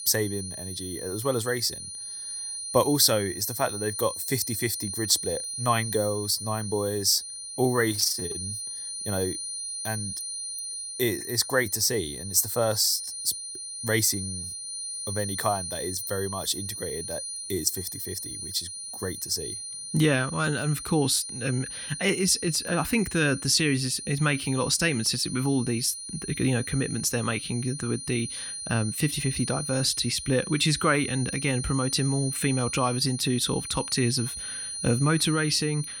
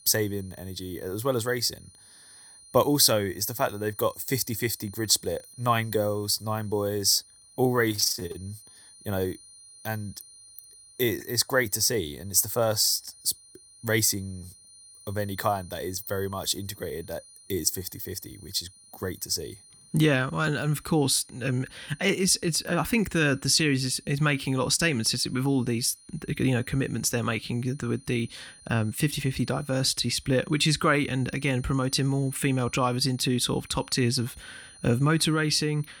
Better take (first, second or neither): second